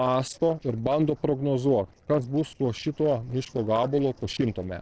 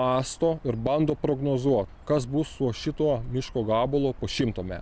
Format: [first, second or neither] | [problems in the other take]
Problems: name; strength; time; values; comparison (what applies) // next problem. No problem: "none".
second | noise reduction (neural separator model SepFormer DNS4)